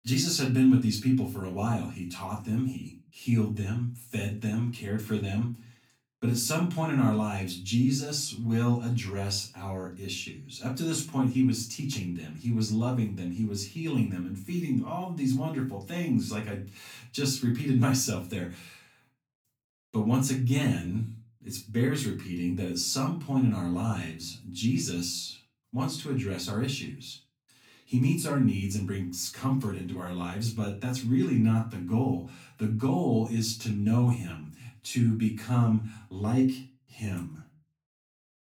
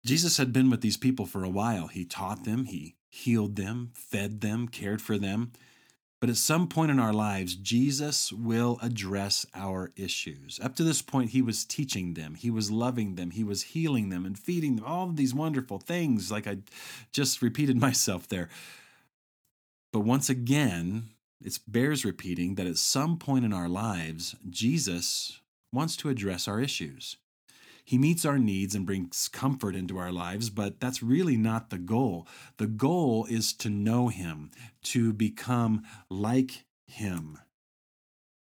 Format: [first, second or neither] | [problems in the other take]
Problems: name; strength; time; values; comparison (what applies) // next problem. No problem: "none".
second | off-mic speech; far // room echo; very slight; dies away in 0.3 s